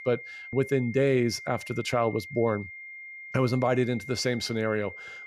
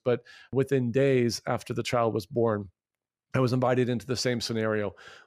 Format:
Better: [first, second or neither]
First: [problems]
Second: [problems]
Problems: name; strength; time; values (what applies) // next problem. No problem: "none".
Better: second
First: high-pitched whine; noticeable; throughout; 2 kHz, 15 dB below the speech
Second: none